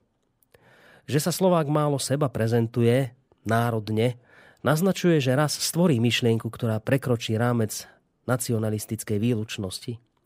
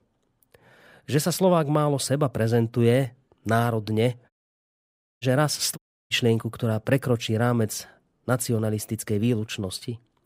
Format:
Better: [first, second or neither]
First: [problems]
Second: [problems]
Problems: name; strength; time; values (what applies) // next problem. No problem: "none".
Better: first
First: none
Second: audio cutting out; at 4.5 s for 1 s and at 6 s